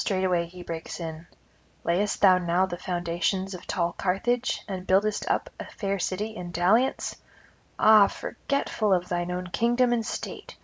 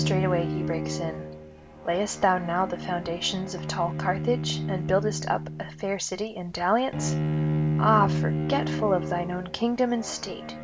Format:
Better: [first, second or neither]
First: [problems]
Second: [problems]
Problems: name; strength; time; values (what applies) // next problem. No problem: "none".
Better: first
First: none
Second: background sound (Bowed string instrument); 2 dB below the speech